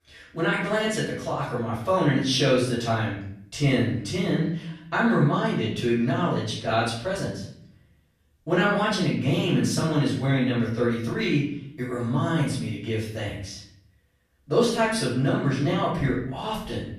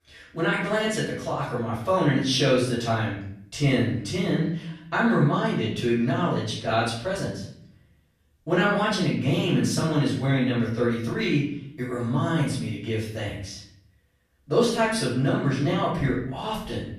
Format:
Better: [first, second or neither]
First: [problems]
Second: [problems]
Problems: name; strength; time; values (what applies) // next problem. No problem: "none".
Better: neither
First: off-mic speech; far // room echo; noticeable; dies away in 0.6 s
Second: off-mic speech; far // room echo; noticeable; dies away in 0.6 s